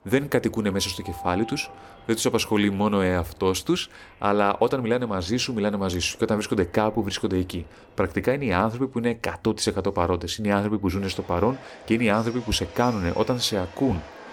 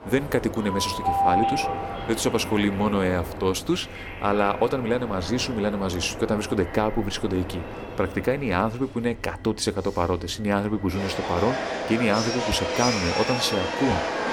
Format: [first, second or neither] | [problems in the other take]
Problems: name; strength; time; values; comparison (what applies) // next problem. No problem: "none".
first | train or aircraft noise; loud; throughout; 4 dB below the speech; faint in the first